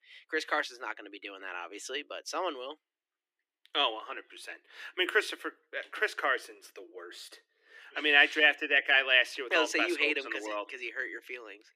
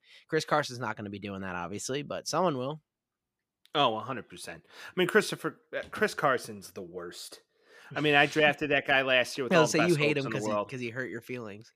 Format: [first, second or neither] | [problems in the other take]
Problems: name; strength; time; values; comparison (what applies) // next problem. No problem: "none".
second | thin; somewhat; fading below 300 Hz